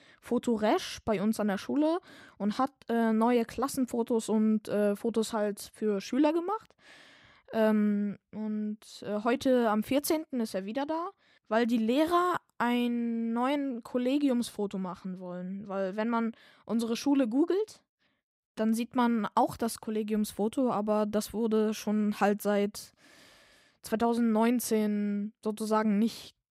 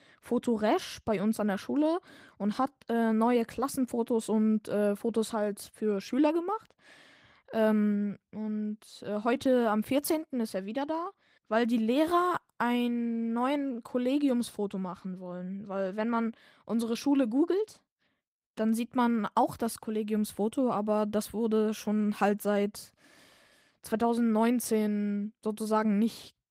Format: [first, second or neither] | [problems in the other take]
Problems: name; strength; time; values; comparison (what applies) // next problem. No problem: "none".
first | garbled, watery; slightly; nothing above 15.5 kHz